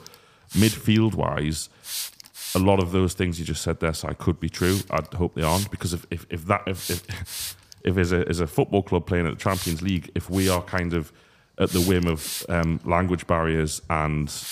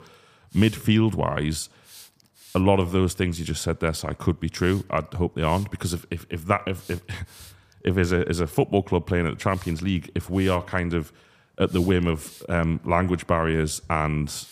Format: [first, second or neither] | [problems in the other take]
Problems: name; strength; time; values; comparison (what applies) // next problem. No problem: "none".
second | hiss; loud; throughout; 8 dB below the speech; faint in the second